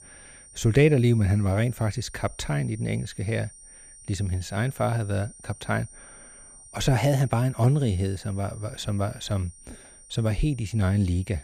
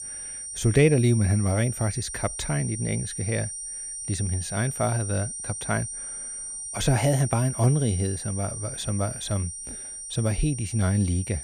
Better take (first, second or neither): first